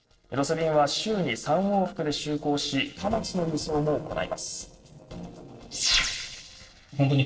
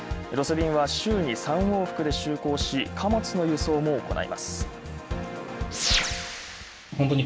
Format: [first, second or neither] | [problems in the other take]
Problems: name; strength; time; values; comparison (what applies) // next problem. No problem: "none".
second | noise reduction (neural separator model SepFormer DNS4)